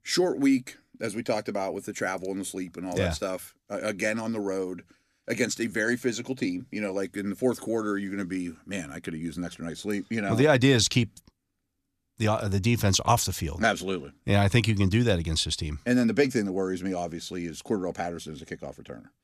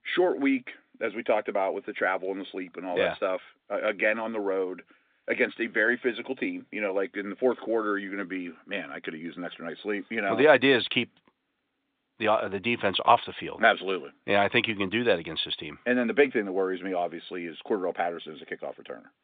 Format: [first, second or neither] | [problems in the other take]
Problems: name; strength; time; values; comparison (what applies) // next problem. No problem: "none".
first | phone-call audio; nothing above 3.5 kHz